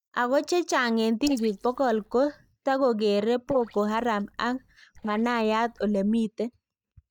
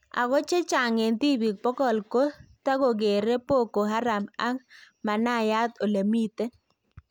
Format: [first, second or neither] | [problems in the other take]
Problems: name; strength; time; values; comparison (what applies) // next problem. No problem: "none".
second | noise reduction (neural mask model DeepFilterNet 3)